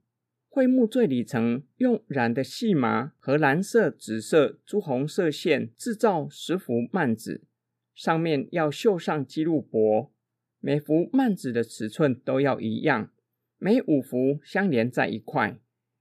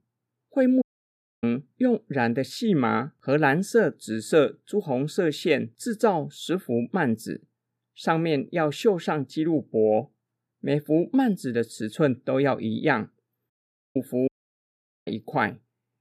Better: first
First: none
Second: audio cutting out; at 1 s for 0.5 s and at 14 s for 1 s

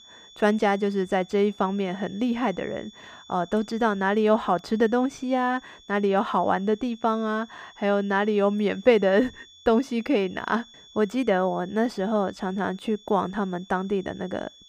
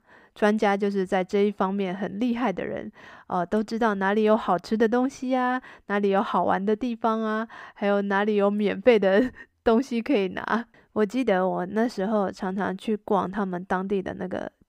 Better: second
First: high-pitched whine; faint; throughout; 3.5 kHz, 25 dB below the speech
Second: none

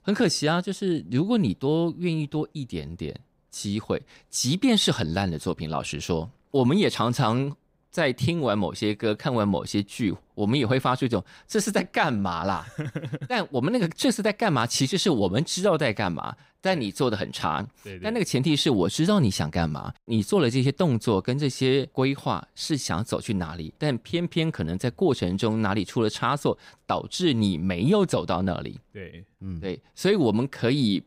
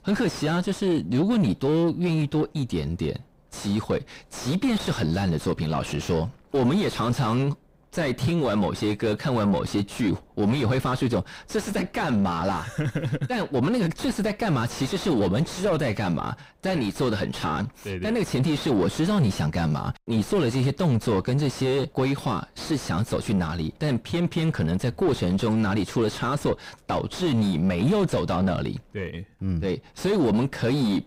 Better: first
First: none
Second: distortion; heavy; 5 dB below the speech

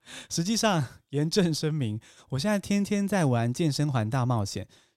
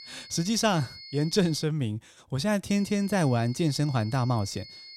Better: first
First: none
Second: high-pitched whine; noticeable; until 1.5 s and from 2.5 s on; 4.5 kHz, 15 dB below the speech

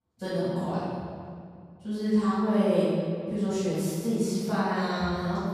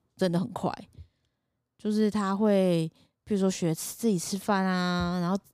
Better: second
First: off-mic speech; far // room echo; strong; dies away in 2.1 s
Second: none

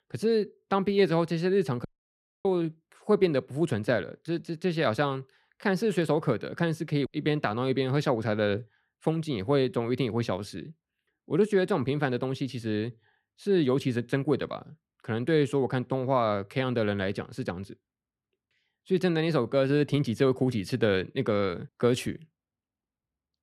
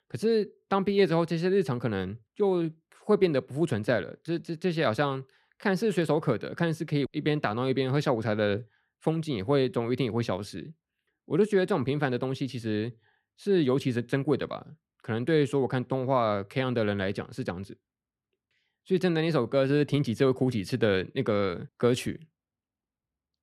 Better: second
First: audio cutting out; at 2 s for 0.5 s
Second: none

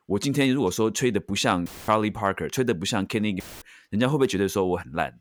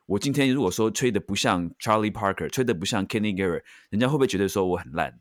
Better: second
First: audio cutting out; filled with static; at 1.5 s and at 3.5 s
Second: none

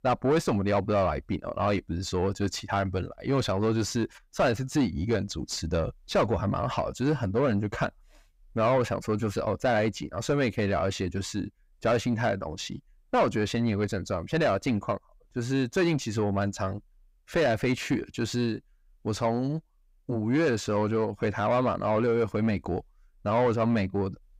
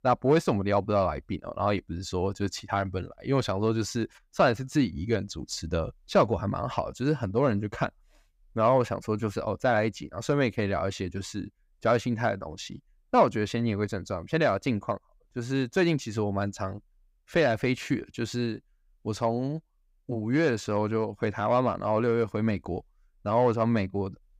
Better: second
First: distortion; slight; 10 dB below the speech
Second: none

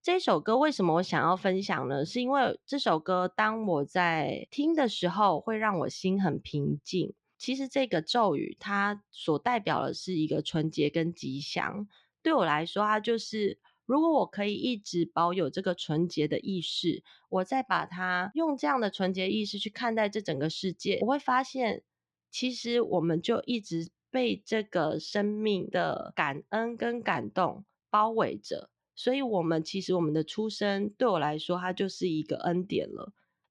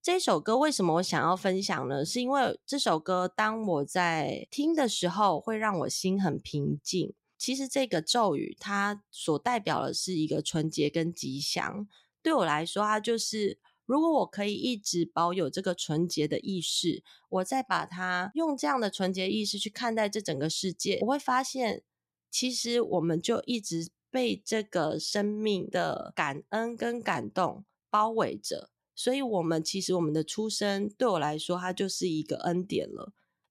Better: second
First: muffled; very slightly; fading above 3 kHz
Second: none

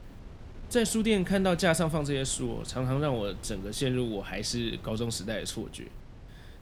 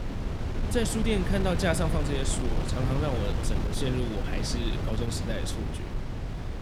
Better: first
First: wind noise on the microphone; occasional gusts; 20 dB below the speech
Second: wind noise on the microphone; heavy; 5 dB below the speech

